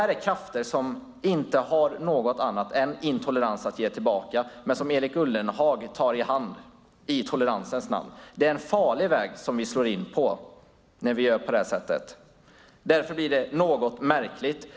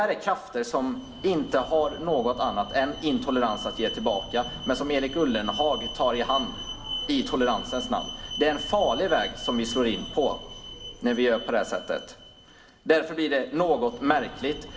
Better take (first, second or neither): first